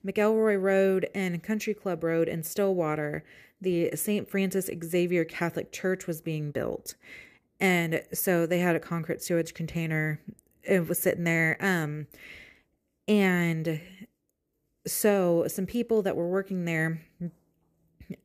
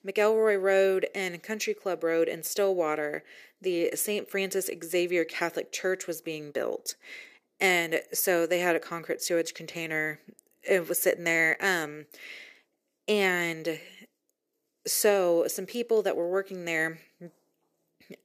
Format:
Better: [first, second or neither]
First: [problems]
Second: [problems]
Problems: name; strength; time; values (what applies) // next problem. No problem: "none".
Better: first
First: none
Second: thin; somewhat; fading below 400 Hz